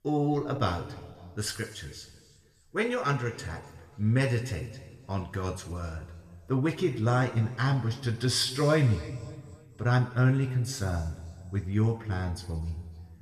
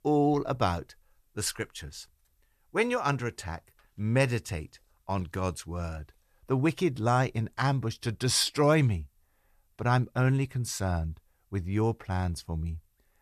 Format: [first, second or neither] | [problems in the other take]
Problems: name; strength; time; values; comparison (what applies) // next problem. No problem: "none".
second | room echo; slight; dies away in 1.6 s